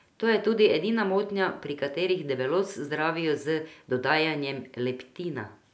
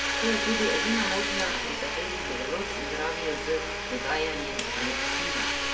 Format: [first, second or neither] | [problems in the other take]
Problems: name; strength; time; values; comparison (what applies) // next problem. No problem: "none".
first | background sound (Domestic sounds, home sounds); 3 dB above the speech // room echo; dies away in 1.1 s